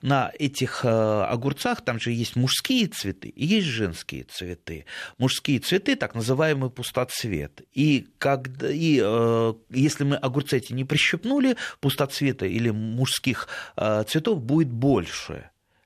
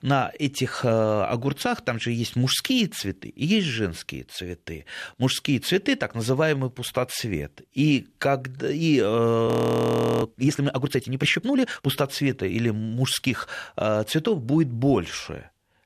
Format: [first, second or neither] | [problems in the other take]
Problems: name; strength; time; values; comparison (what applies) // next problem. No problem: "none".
first | audio freezing; at 9.5 s for 0.5 s